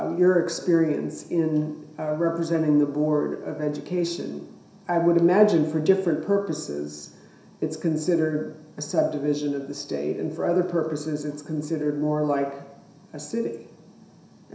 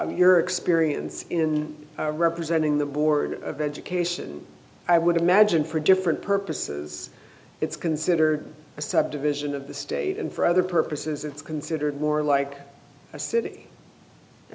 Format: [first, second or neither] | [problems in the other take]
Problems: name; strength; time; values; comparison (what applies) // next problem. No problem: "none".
second | room echo; dies away in 0.7 s